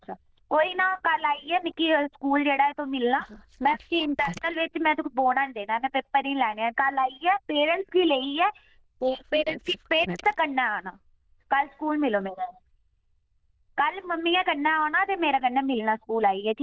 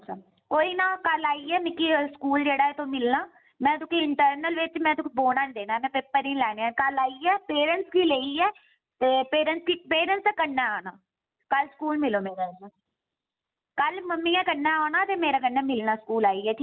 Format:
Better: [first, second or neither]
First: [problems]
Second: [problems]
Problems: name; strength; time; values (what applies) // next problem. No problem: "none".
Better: second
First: noise reduction (neural diffusion model UNIVERSE++)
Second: none